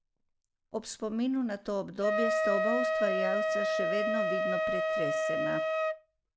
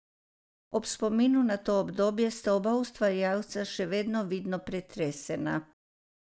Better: second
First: background sound (Wind instrument, woodwind instrument); 4 dB above the speech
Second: none

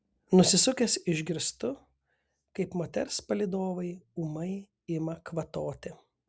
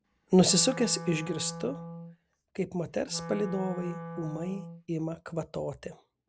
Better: first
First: none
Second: background sound (Wind instrument, woodwind instrument); 11 dB below the speech

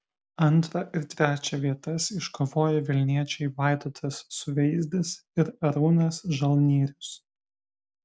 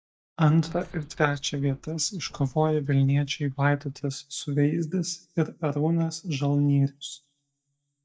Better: first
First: none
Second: noise reduction (neural mask model DeepFilterNet 3)

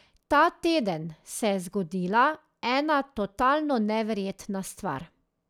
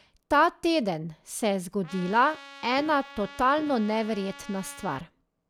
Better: first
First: none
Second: background sound (Walk, footsteps + Trumpet); 18 dB below the speech

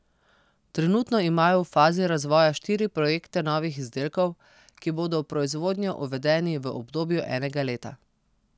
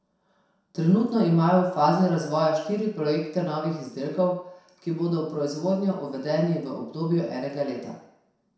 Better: first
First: none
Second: room echo; dies away in 0.7 s

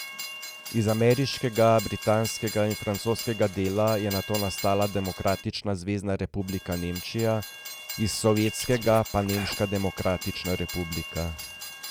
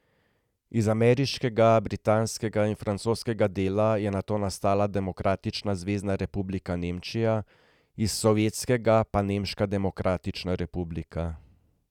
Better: second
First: background sound (Train + Scratching (performance technique)); 12 dB below the speech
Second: none

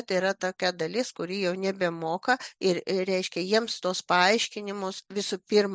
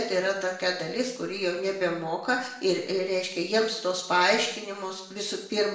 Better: first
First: none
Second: room echo; dies away in 0.7 s

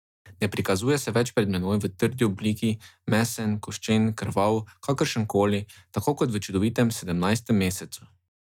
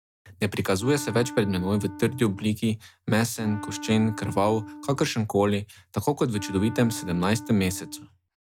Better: first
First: none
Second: background sound (Wind instrument, woodwind instrument); 14 dB below the speech

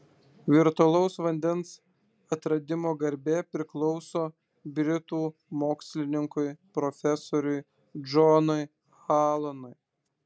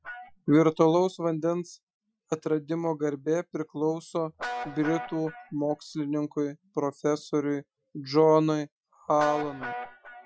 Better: first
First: none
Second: noise reduction (classical method Wiener filter)

